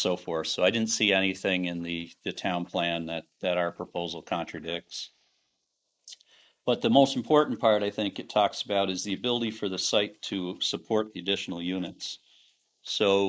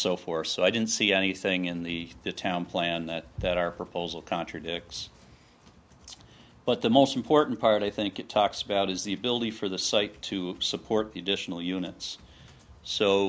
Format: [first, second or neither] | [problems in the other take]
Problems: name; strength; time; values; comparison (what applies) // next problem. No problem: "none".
second | noise reduction (neural mask model Resemble Enhance denoiser)